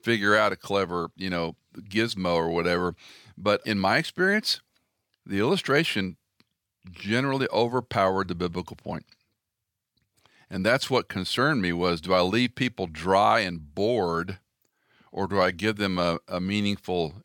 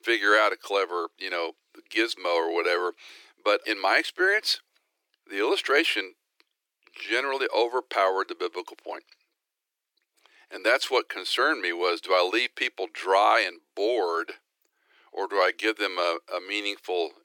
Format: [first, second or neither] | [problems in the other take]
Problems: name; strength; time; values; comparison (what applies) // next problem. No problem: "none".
first | thin; very; fading below 300 Hz